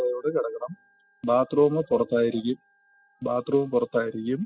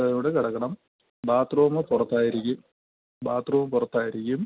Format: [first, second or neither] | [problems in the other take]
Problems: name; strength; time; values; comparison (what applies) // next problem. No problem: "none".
second | noise reduction (classical method spectral subtraction)